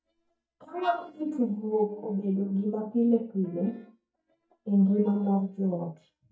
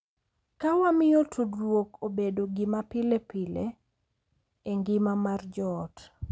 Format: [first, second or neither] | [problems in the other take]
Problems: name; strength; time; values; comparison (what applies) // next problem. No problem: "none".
second | noise reduction (neural mask model DeepFilterNet 3)